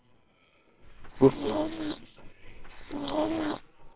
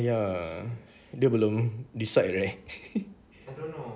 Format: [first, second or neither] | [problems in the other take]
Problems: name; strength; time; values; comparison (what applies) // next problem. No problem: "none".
second | noise reduction (neural separator model SepFormer WHAMR!)